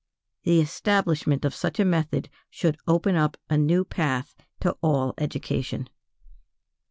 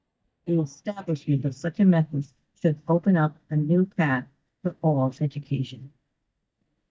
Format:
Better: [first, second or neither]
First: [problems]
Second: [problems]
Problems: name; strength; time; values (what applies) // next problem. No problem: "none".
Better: first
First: none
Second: noise reduction (neural mask model DeepFilterNet 3)